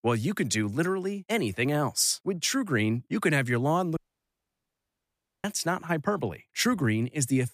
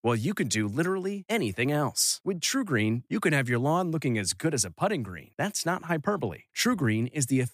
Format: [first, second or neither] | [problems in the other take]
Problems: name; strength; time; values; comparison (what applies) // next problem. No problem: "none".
second | audio cutting out; at 4 s for 1.5 s